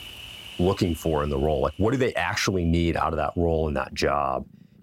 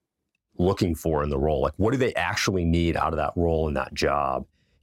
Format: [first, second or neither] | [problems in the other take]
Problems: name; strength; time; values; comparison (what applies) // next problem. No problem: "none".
second | animal sounds; noticeable; throughout; 20 dB below the speech